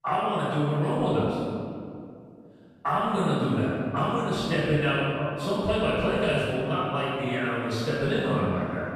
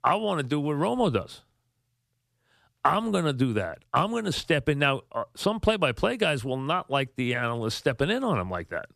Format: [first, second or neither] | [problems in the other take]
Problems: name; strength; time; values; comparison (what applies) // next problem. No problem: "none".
second | off-mic speech; far // room echo; strong; dies away in 2.2 s